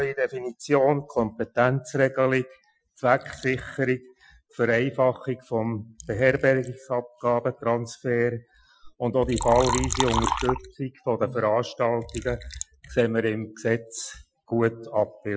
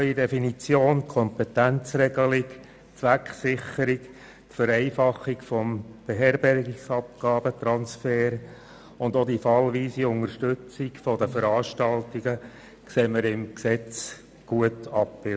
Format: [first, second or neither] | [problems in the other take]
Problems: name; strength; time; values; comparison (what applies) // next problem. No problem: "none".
second | noise reduction (classical method Wiener filter)